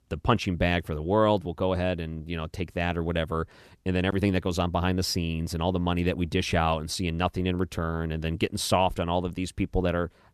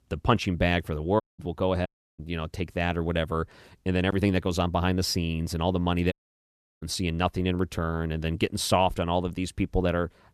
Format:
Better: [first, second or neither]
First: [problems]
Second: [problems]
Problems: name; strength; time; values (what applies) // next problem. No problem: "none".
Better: first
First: none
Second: audio cutting out; at 1 s, at 2 s and at 6 s for 0.5 s